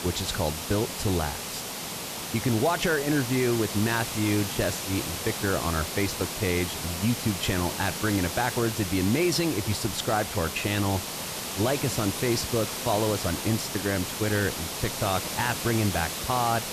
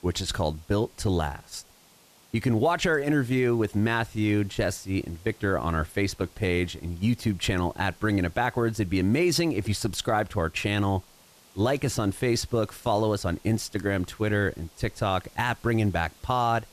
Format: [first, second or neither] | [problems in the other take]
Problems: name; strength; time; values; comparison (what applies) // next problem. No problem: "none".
second | hiss; loud; throughout; 4 dB below the speech; faint in the second